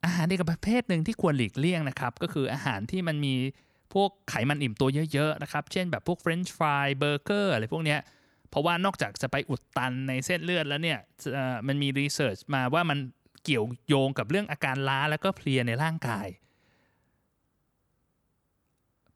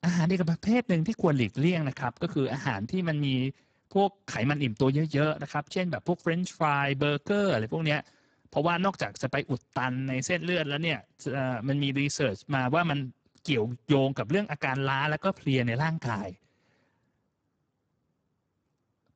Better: first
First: none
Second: garbled, watery; badly; nothing above 7.5 kHz

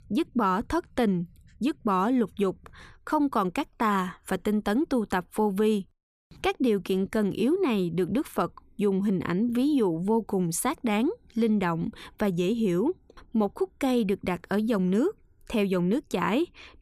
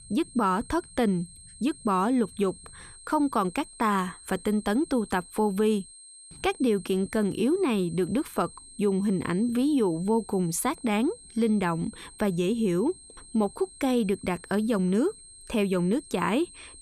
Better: first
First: none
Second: high-pitched whine; noticeable; throughout; 8.5 kHz, 20 dB below the speech

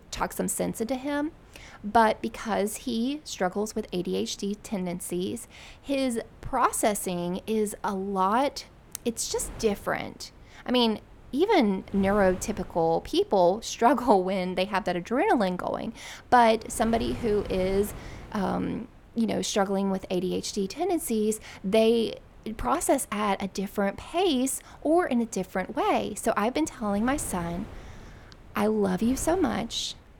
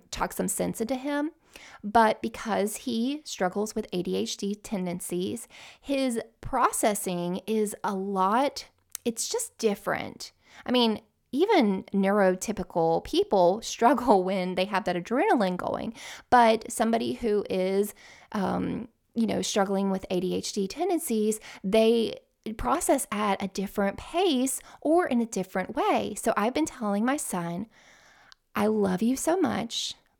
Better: second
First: wind noise on the microphone; occasional gusts; 25 dB below the speech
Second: none

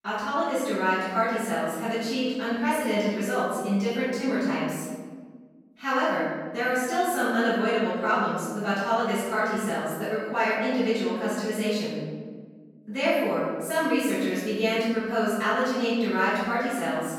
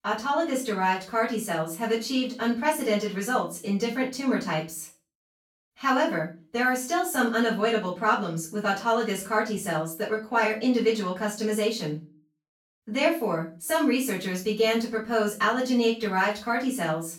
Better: second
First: room echo; strong; dies away in 1.5 s // off-mic speech; far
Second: room echo; slight; dies away in 0.3 s // off-mic speech; far

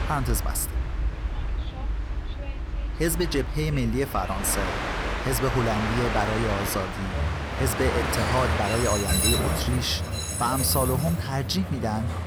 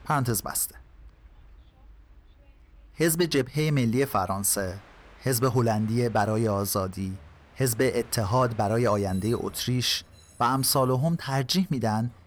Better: second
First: train or aircraft noise; loud; throughout; 1 dB below the speech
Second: train or aircraft noise; faint; throughout; 25 dB below the speech

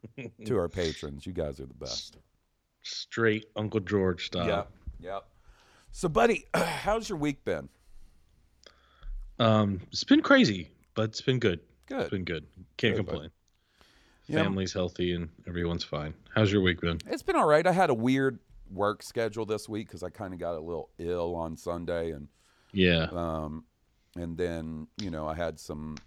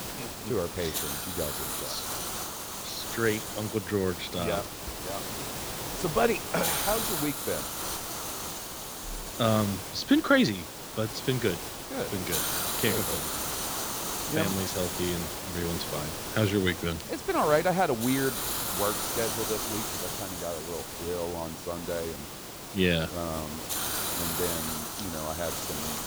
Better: first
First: none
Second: hiss; loud; throughout; 2 dB below the speech

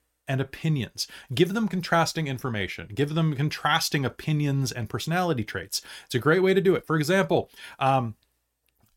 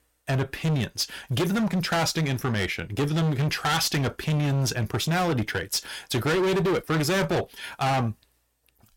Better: first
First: none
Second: distortion; heavy; 23% of the sound clipped

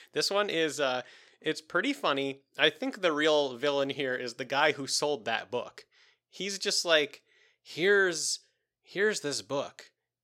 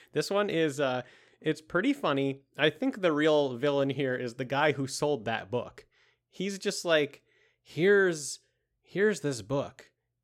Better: second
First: thin; very slightly; fading below 550 Hz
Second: none

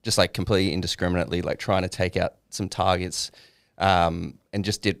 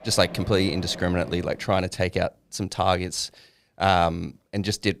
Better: first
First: none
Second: machinery noise; noticeable; until 1.5 s; 15 dB below the speech

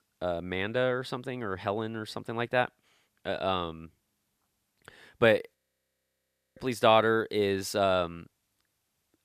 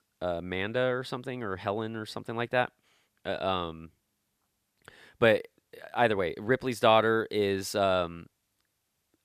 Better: second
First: audio freezing; at 5.5 s for 1 s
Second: none

